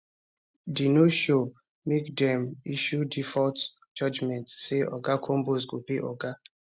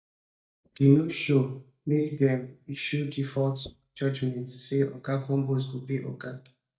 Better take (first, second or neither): first